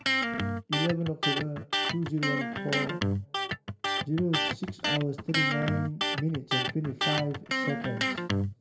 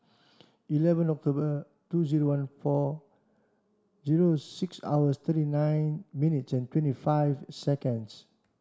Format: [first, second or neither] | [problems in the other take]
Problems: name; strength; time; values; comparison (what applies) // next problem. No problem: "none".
second | background sound (Electric guitar); 2 dB above the speech // room echo; dies away in 1.5 s